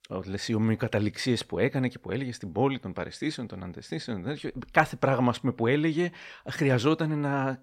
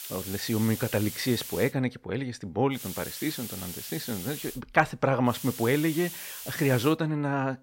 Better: first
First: none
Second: hiss; loud; until 1.5 s, from 3 to 4.5 s and from 5.5 to 7 s; 9 dB below the speech

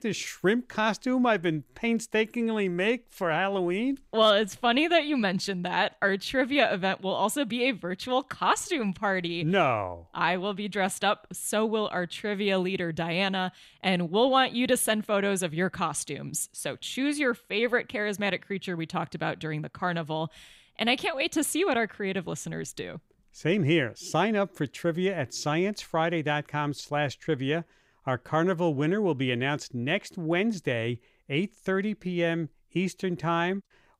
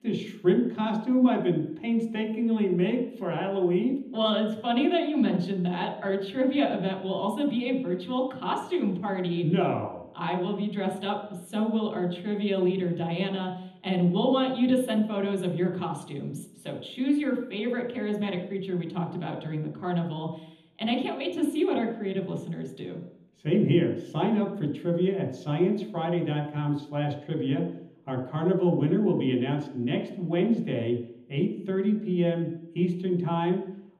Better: first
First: none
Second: room echo; noticeable; dies away in 0.8 s // off-mic speech; far

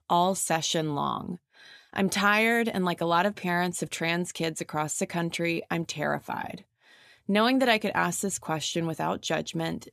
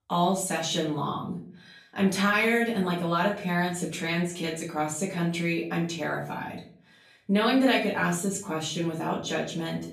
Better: first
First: none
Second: off-mic speech; far // room echo; slight; dies away in 0.4 s

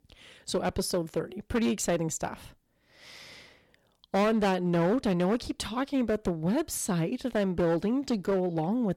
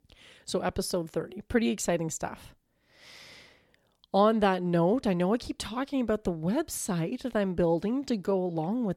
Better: second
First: distortion; slight; 7% of the sound clipped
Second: none

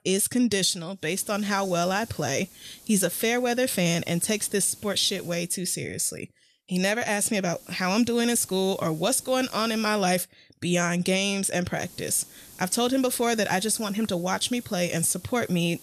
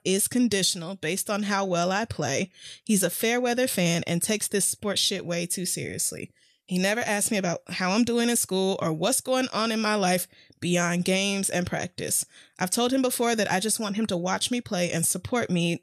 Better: second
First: hiss; faint; from 1 to 5.5 s, from 7.5 to 10 s and from 12 s on; 20 dB below the speech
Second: none

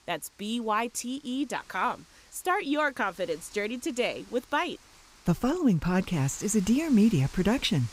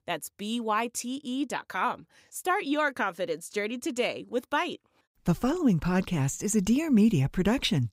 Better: second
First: wind noise on the microphone; occasional gusts; 20 dB below the speech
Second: none

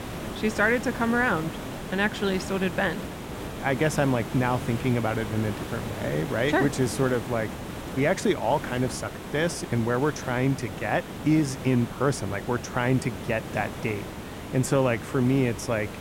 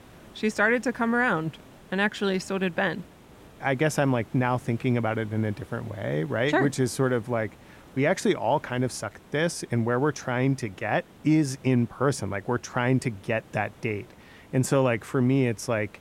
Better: second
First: hiss; loud; throughout; 9 dB below the speech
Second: hiss; faint; throughout; 25 dB below the speech

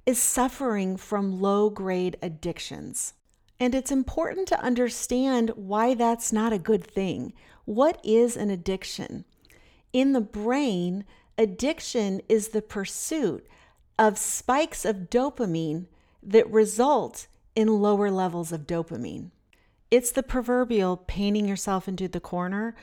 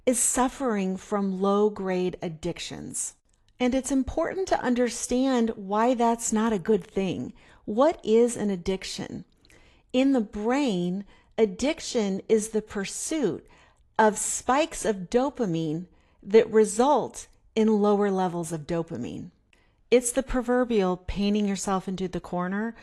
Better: first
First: none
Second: garbled, watery; slightly; nothing above 11.5 kHz

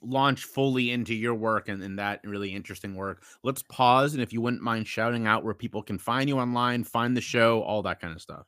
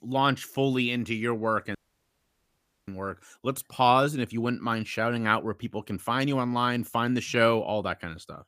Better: first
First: none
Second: audio cutting out; at 2 s for 1 s

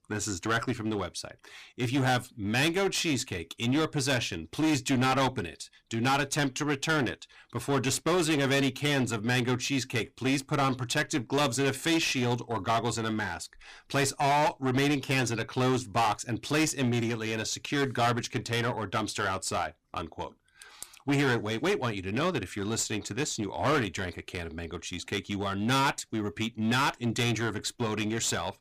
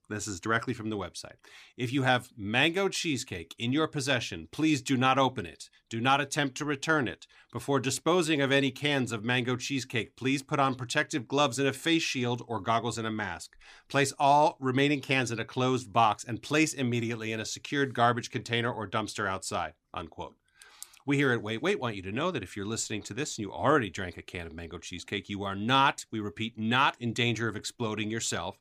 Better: second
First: distortion; heavy; 12% of the sound clipped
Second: none

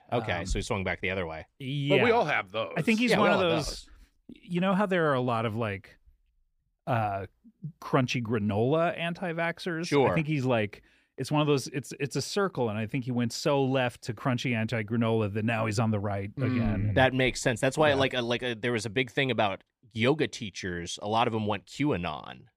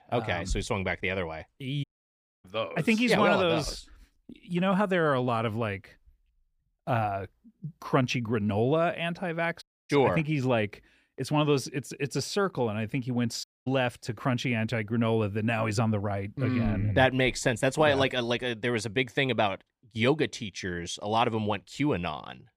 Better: first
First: none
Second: audio cutting out; at 2 s for 0.5 s, at 9.5 s and at 13 s

